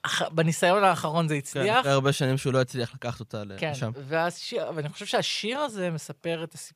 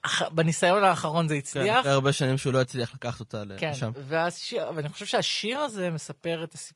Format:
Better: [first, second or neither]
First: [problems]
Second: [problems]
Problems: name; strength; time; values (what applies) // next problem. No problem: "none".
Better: first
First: none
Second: garbled, watery; slightly; nothing above 10.5 kHz